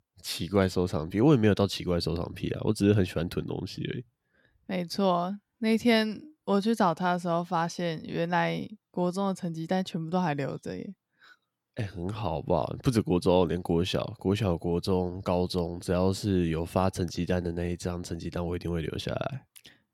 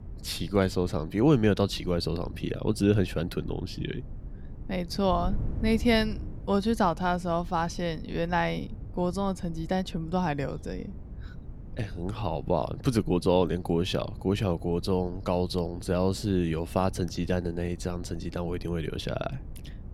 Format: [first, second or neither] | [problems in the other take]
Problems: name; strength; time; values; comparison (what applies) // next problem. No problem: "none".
first | wind noise on the microphone; occasional gusts; 25 dB below the speech